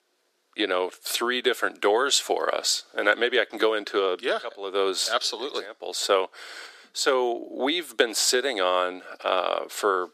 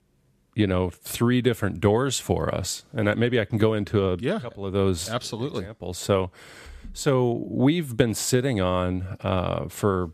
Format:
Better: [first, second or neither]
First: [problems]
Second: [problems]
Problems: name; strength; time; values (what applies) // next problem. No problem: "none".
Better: second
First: thin; very; fading below 350 Hz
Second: none